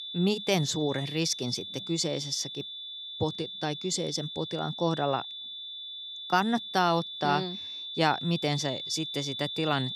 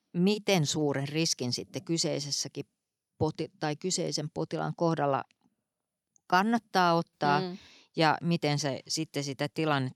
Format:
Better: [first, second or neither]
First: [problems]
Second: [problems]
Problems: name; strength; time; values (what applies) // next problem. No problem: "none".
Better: second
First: high-pitched whine; loud; throughout; 3.5 kHz, 7 dB below the speech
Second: none